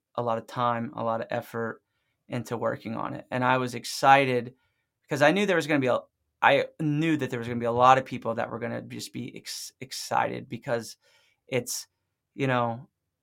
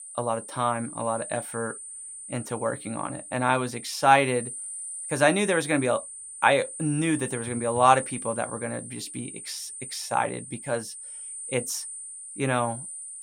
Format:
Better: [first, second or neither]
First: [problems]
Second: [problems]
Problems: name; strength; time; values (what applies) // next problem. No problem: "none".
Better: first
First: none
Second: high-pitched whine; loud; throughout; 9 kHz, 9 dB below the speech